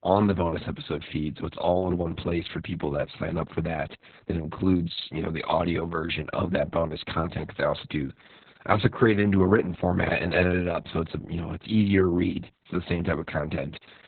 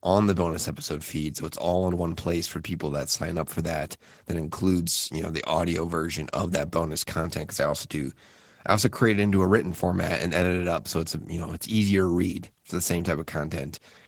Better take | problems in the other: second | garbled, watery; badly; nothing above 4 kHz; slightly in the second

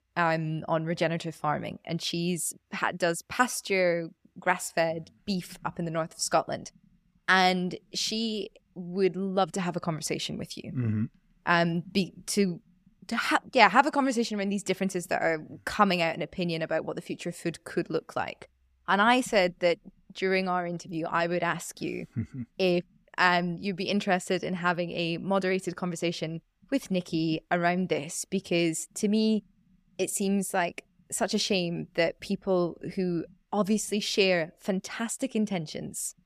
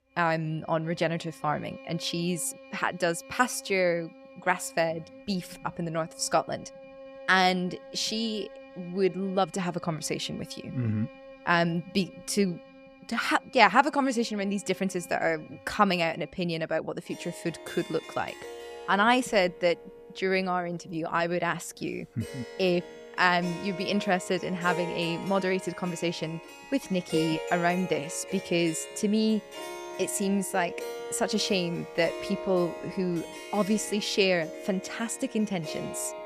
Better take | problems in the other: first | background music; noticeable; throughout; 15 dB below the speech

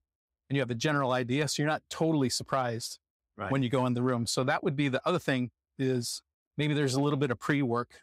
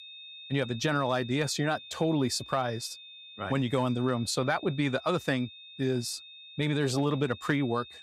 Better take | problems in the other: first | high-pitched whine; noticeable; throughout; 3.5 kHz, 15 dB below the speech

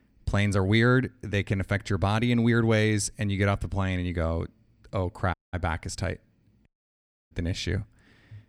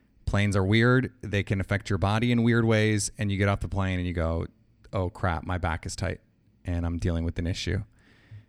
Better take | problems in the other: second | audio cutting out; at 5.5 s and at 6.5 s for 0.5 s

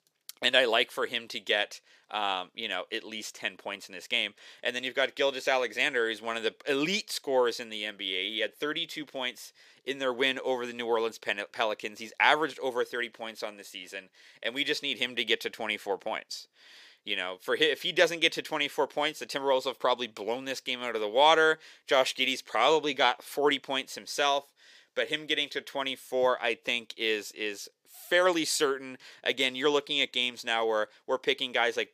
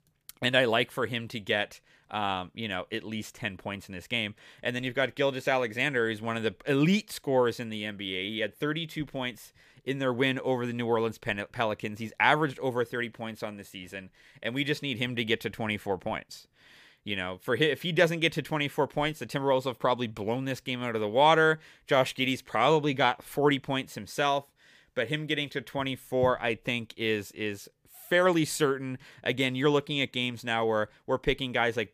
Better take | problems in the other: second | thin; somewhat; fading below 400 Hz

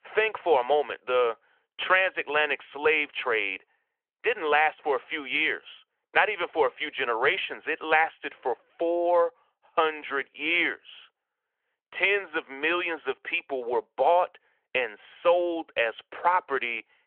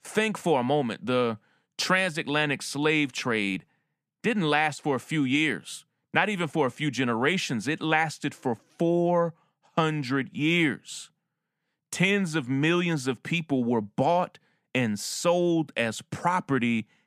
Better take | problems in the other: second | phone-call audio; nothing above 3.5 kHz

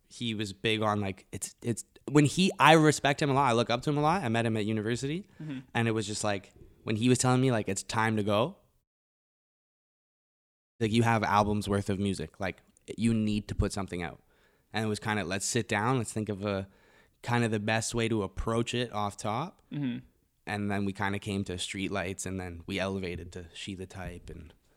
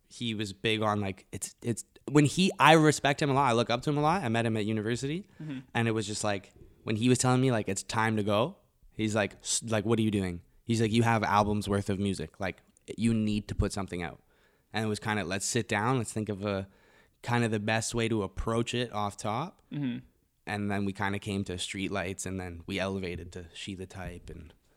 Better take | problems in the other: second | audio cutting out; at 9 s for 2 s

